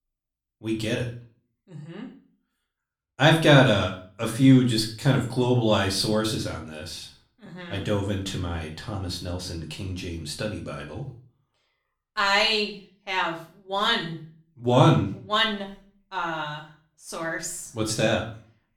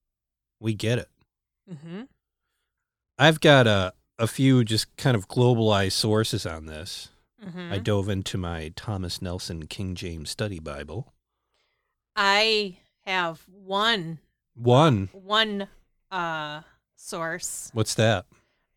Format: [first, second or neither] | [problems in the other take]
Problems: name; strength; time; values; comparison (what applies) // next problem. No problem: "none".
second | room echo; slight; dies away in 0.4 s // off-mic speech; somewhat distant